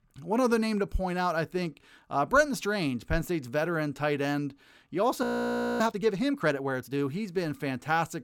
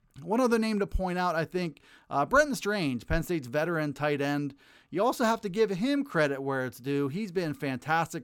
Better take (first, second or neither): second